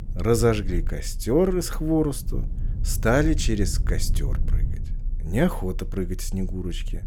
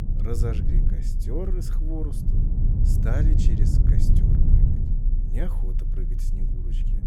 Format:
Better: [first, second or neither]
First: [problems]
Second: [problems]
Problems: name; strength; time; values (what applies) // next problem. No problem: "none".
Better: first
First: low rumble; faint; throughout; 20 dB below the speech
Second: low rumble; loud; throughout; as loud as the speech